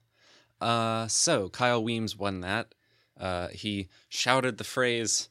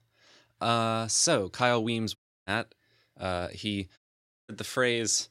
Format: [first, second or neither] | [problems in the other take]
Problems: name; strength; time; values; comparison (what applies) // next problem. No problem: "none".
first | audio cutting out; at 2 s and at 4 s for 0.5 s